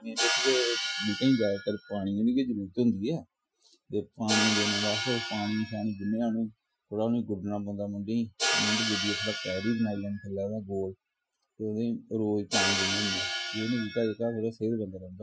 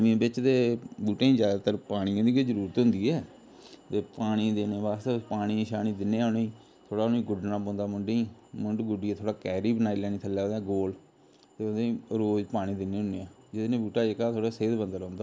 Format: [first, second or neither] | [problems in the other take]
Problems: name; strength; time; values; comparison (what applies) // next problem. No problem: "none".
second | noise reduction (classical method Wiener filter)